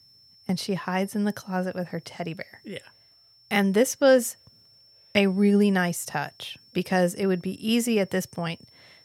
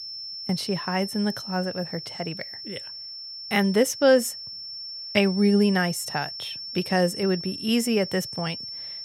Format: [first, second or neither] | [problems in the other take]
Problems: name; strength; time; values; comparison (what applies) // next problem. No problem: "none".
first | high-pitched whine; loud; throughout; 5.5 kHz, 9 dB below the speech; faint in the first